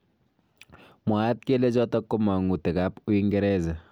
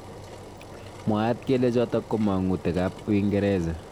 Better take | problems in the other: first | background sound (Engine); 16 dB below the speech

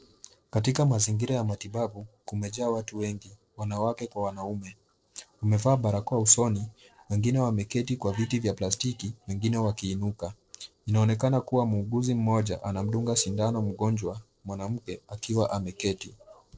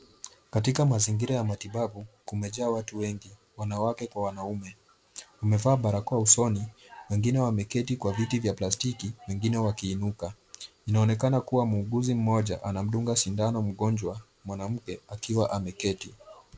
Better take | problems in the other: second | noise reduction (neural separator model SepFormer DNS4)

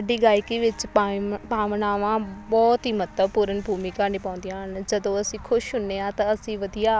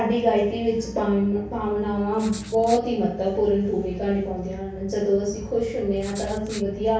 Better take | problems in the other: first | background sound (Writing); 18 dB below the speech // room echo; dies away in 0.6 s

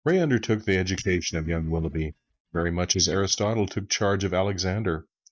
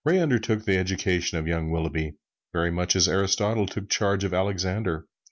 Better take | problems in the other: second | noise reduction (neural mask model DeepFilterNet 3)

